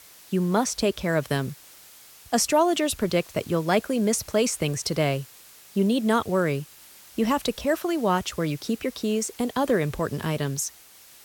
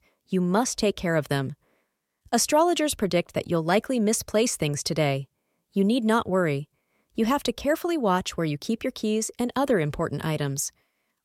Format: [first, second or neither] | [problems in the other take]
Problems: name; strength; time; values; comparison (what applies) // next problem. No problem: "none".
second | hiss; faint; throughout; 20 dB below the speech